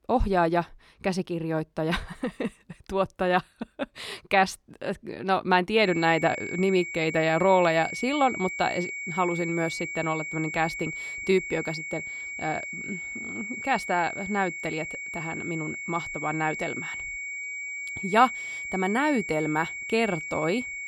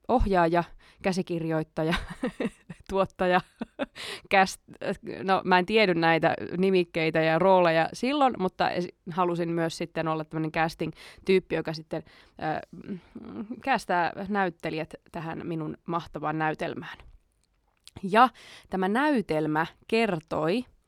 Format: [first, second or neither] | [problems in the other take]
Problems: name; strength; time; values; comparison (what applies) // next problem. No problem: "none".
second | high-pitched whine; loud; from 6 s on; 2 kHz, 6 dB below the speech